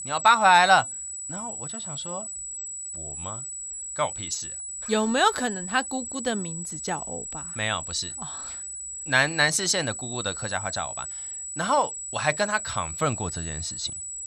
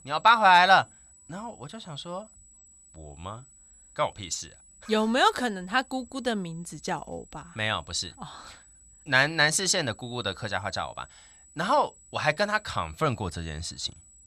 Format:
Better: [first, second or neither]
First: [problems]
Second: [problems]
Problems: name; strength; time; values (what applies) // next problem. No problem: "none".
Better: second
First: high-pitched whine; loud; throughout; 8 kHz, 8 dB below the speech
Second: high-pitched whine; faint; throughout; 8 kHz, 25 dB below the speech